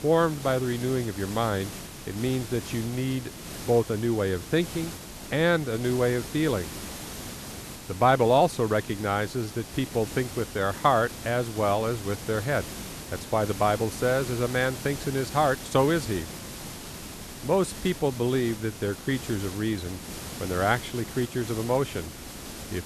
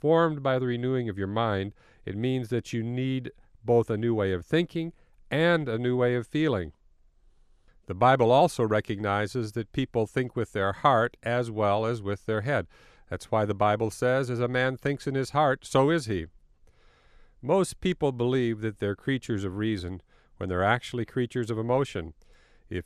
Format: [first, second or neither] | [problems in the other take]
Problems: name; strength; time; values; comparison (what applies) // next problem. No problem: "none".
second | hiss; noticeable; throughout; 10 dB below the speech